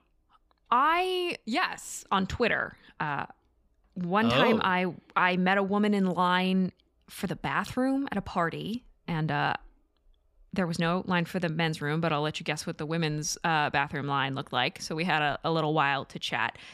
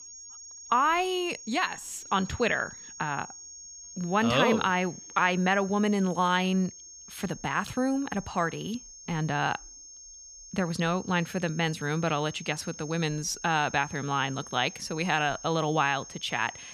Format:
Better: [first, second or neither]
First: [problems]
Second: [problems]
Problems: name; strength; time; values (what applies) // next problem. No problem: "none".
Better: first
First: none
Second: high-pitched whine; noticeable; throughout; 6.5 kHz, 15 dB below the speech